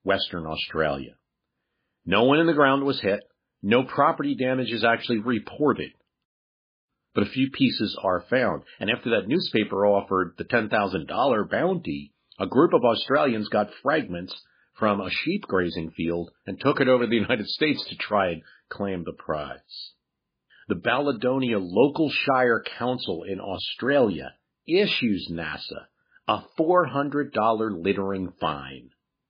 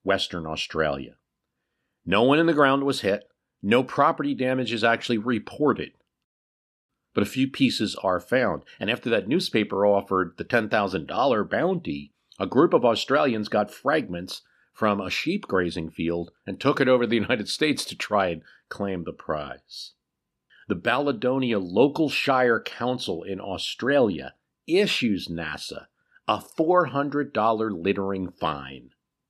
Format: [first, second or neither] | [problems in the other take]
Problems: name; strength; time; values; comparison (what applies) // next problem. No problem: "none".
second | garbled, watery; badly; nothing above 4.5 kHz